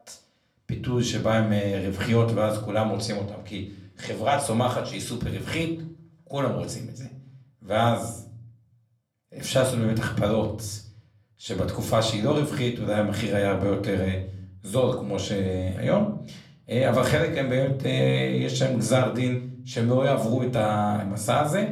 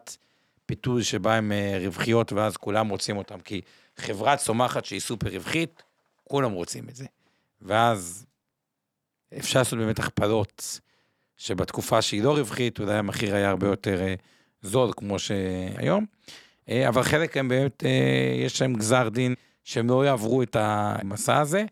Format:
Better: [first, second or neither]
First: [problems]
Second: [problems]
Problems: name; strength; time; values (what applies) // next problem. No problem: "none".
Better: second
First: off-mic speech; somewhat distant // room echo; slight; dies away in 0.7 s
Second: none